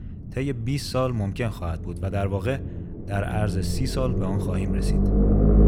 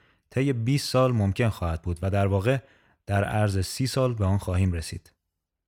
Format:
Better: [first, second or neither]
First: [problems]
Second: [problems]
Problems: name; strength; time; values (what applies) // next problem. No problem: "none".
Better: second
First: low rumble; loud; throughout; 3 dB below the speech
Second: none